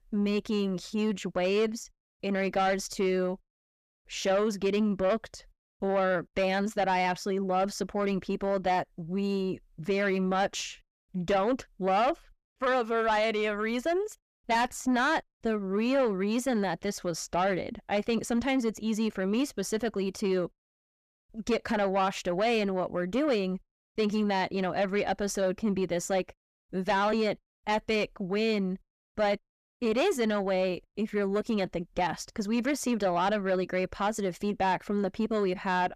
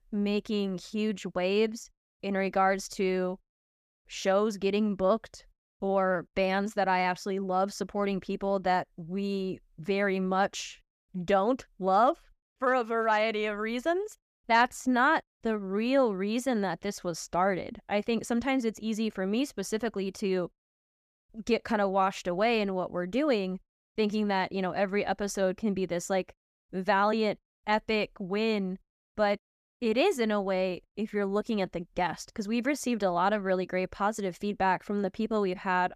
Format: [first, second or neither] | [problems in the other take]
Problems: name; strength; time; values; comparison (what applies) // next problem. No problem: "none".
second | distortion; slight; 10 dB below the speech